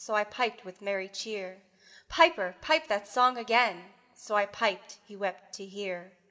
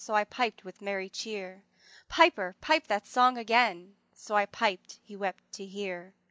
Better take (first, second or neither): second